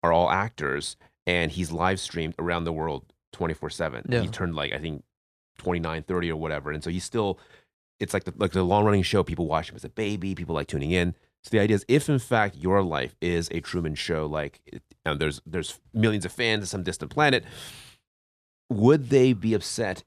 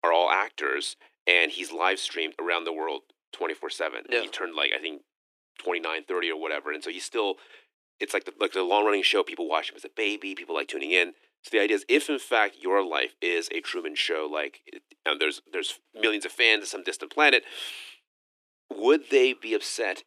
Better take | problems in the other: first | thin; somewhat; fading below 300 Hz

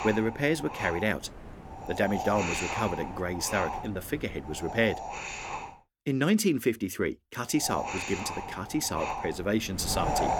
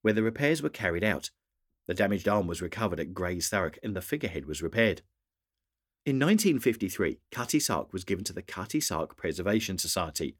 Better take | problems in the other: second | wind noise on the microphone; heavy; until 5.5 s and from 7.5 s on; 3 dB below the speech

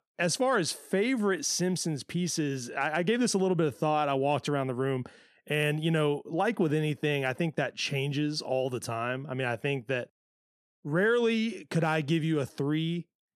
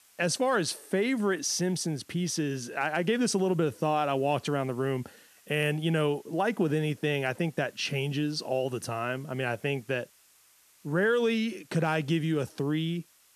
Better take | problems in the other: first | hiss; faint; throughout; 30 dB below the speech

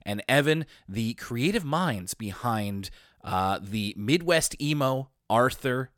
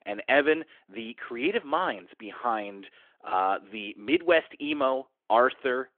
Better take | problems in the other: first | phone-call audio; nothing above 3.5 kHz

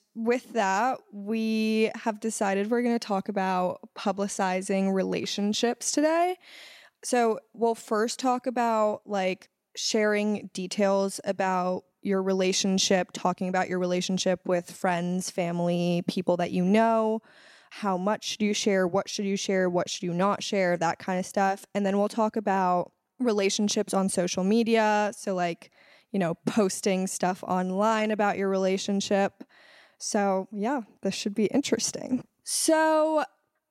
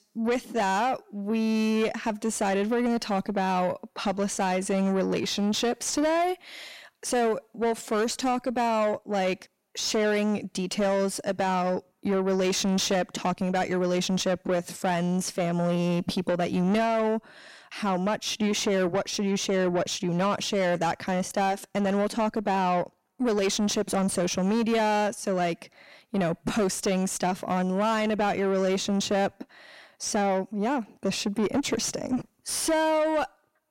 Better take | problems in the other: first | distortion; slight; 10 dB below the speech

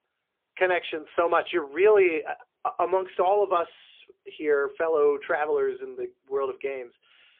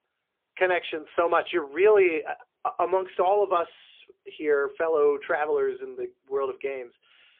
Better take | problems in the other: neither | phone-call audio; poor line; nothing above 3.5 kHz; the same in both

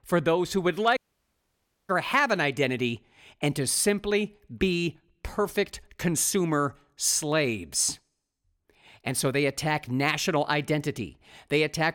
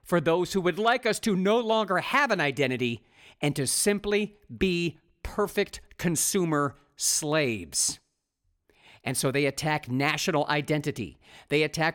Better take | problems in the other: second | audio cutting out; at 1 s for 1 s

